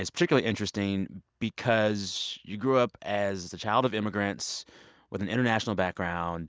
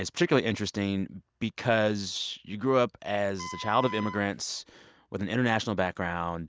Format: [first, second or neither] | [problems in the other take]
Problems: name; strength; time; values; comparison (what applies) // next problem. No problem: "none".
first | background sound (Wind instrument, woodwind instrument); 12 dB below the speech